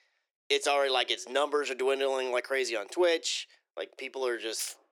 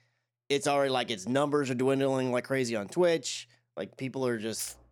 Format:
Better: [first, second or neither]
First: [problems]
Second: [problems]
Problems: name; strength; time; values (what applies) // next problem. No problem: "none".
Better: second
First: thin; very; fading below 350 Hz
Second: none